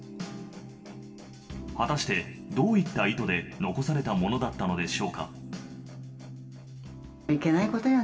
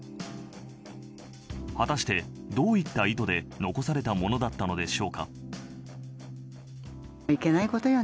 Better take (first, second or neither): second